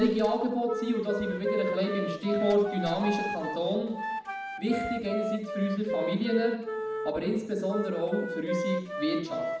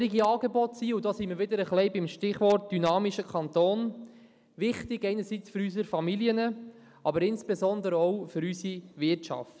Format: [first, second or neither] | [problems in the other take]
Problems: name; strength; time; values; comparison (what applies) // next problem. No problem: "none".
second | background sound (Wind instrument, woodwind instrument); 5 dB below the speech // room echo; dies away in 0.8 s